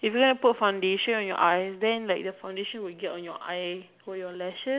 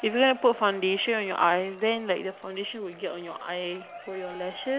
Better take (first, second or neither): first